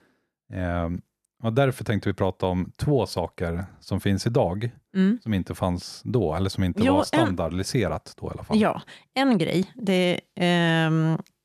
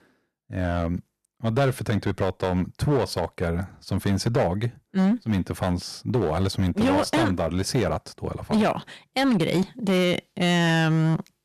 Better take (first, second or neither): first